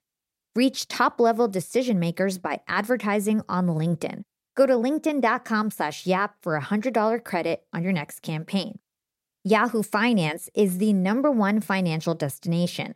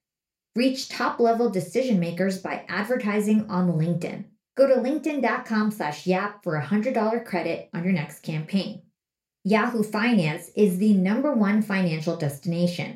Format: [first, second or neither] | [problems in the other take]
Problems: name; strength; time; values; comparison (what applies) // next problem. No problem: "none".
first | room echo; very slight; dies away in 0.3 s